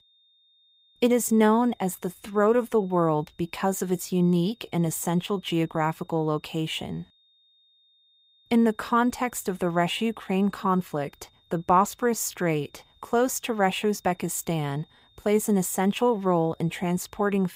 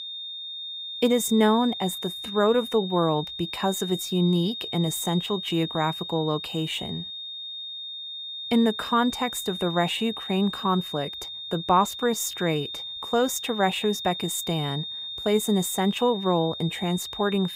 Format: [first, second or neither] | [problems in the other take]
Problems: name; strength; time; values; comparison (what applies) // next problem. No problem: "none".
first | high-pitched whine; loud; throughout; 3.5 kHz, 7 dB below the speech; faint in the first